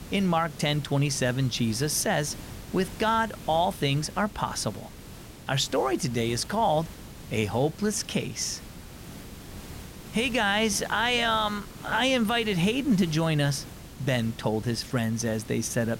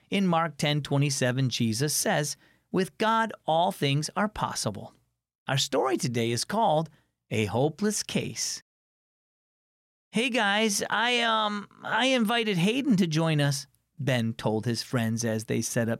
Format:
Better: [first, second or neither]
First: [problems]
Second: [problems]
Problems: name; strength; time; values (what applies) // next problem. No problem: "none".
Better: second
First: hiss; noticeable; throughout; 15 dB below the speech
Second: none